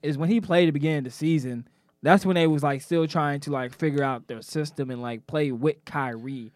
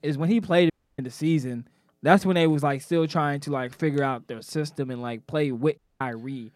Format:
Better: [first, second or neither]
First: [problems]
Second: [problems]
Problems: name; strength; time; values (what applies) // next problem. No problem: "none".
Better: first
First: none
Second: audio cutting out; at 0.5 s and at 6 s